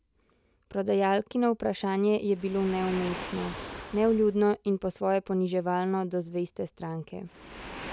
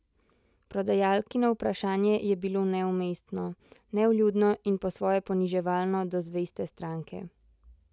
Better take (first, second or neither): second